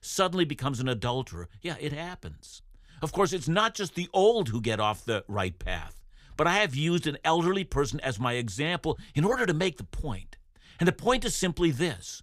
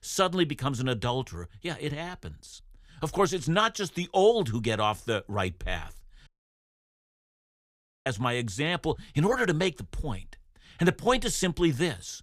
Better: first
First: none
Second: audio cutting out; at 6.5 s for 2 s

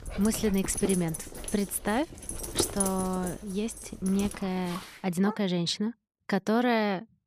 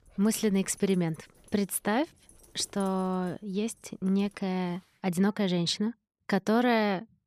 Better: second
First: animal sounds; loud; until 5 s; 7 dB below the speech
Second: animal sounds; faint; until 5 s; 25 dB below the speech

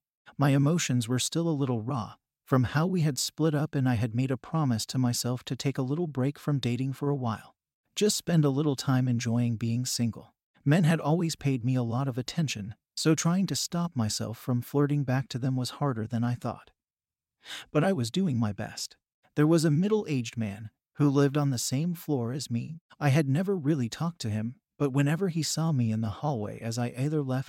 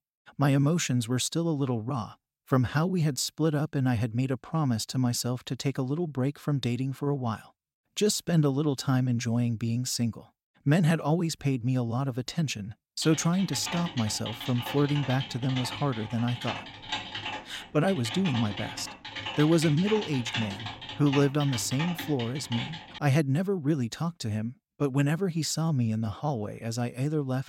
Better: first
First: none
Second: keyboard typing; noticeable; from 13 to 23 s; peak 5 dB below the speech

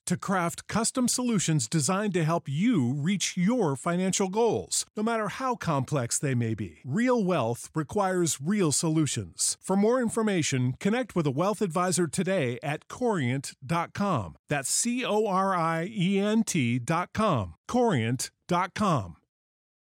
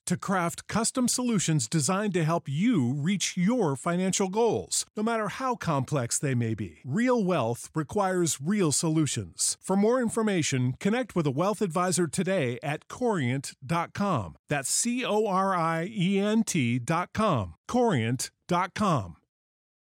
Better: neither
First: none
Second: none

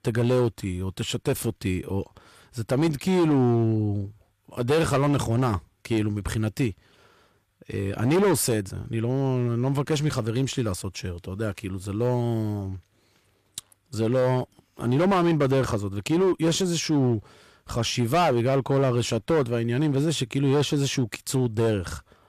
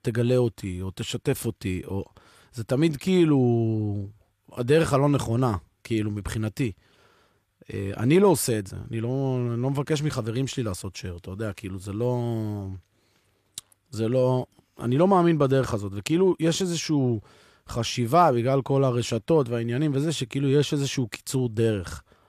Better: second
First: distortion; slight; 9% of the sound clipped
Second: none

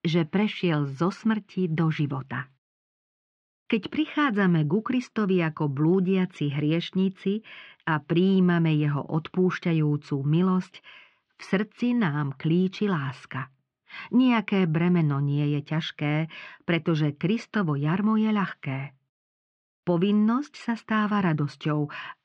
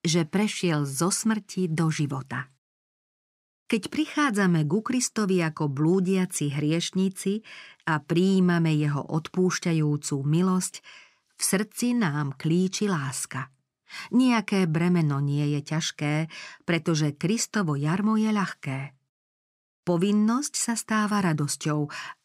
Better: second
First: muffled; very; fading above 3 kHz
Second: none

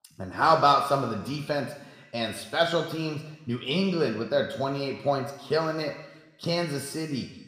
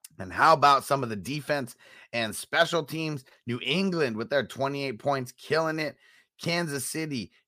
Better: second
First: room echo; slight; dies away in 1.1 s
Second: none

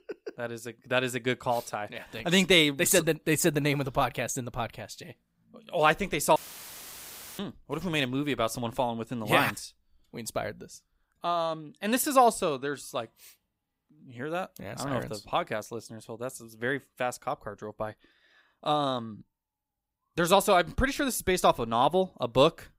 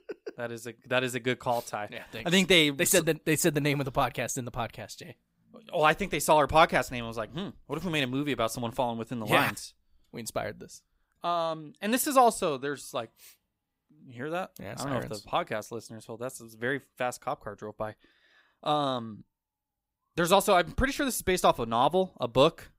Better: second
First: audio cutting out; filled with static; at 6.5 s for 1 s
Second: none

